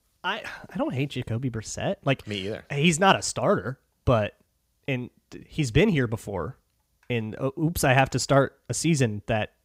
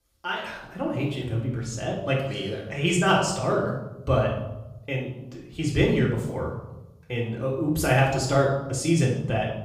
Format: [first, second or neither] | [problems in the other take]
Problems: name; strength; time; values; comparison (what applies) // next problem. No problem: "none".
first | off-mic speech; far // room echo; noticeable; dies away in 0.8 s